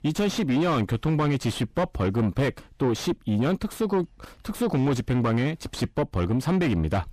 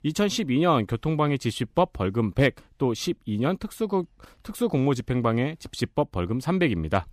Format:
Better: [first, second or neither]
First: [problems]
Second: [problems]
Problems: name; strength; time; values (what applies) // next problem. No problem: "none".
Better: second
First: distortion; heavy; 7 dB below the speech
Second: none